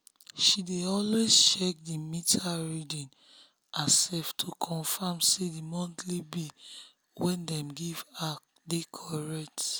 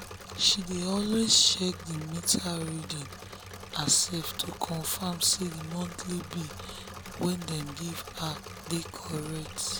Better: first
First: none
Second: background sound (Engine / Mechanisms); 12 dB below the speech

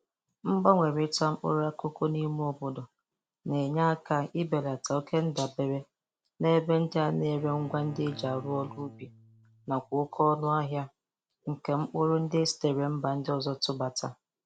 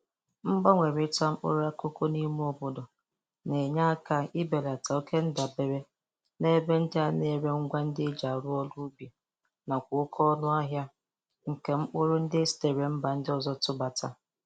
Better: second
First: background sound (Bowed string instrument); 19 dB below the speech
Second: none

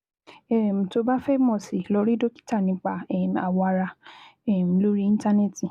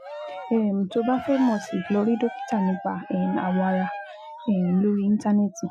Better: first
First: none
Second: noise reduction (classical method Wiener filter)

